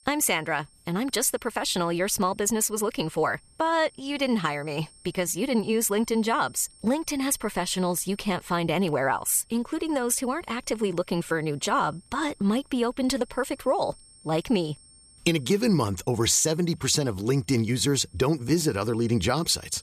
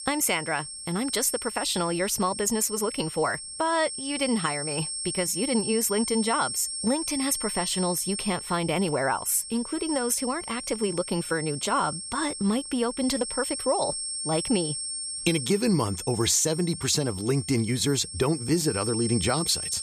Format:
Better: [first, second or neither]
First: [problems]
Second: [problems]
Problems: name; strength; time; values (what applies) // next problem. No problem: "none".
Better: first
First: high-pitched whine; faint; throughout; 8.5 kHz, 30 dB below the speech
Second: high-pitched whine; loud; throughout; 8.5 kHz, 5 dB below the speech